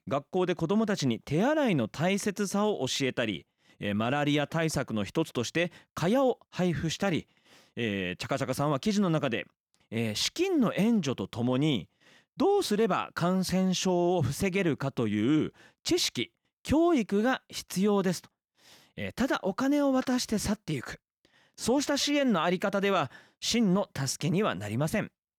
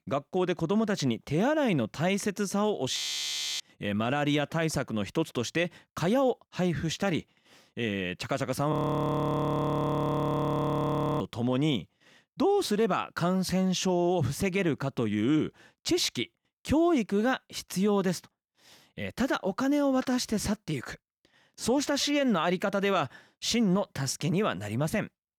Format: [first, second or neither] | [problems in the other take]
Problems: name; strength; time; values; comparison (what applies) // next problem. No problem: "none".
first | audio freezing; at 3 s for 0.5 s and at 8.5 s for 2.5 s